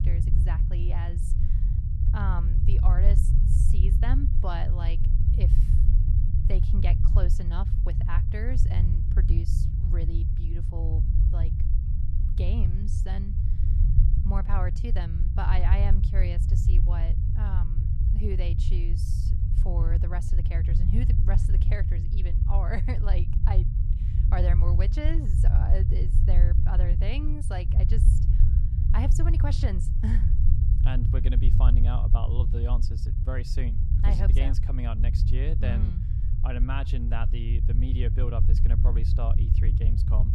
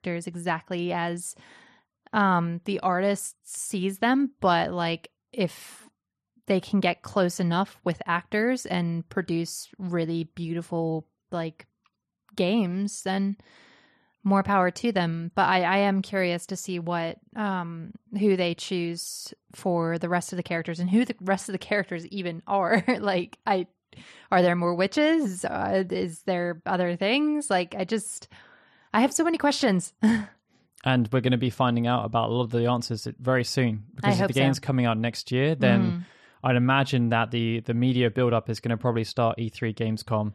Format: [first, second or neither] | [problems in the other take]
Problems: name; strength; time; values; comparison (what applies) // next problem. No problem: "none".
second | low rumble; loud; throughout; 3 dB below the speech